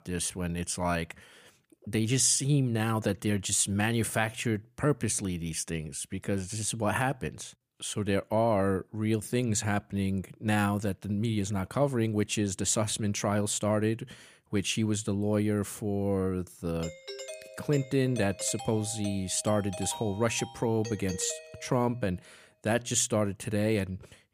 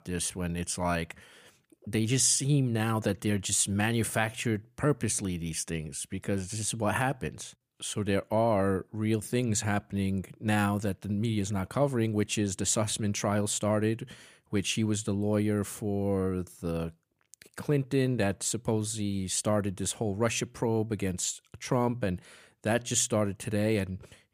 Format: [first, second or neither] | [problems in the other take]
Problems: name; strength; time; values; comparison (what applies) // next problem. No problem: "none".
second | doorbell; faint; from 17 to 22 s; peak 10 dB below the speech